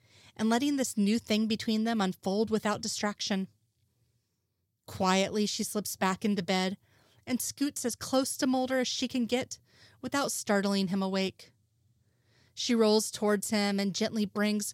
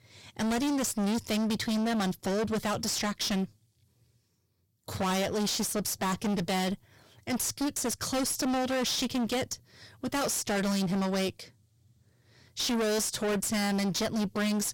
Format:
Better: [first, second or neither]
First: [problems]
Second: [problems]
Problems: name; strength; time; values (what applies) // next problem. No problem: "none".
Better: first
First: none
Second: distortion; heavy; 30% of the sound clipped